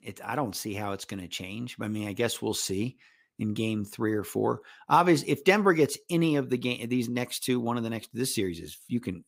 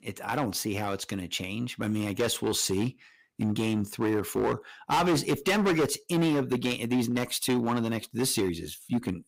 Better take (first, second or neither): first